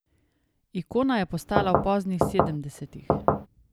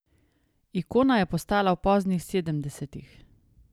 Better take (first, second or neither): second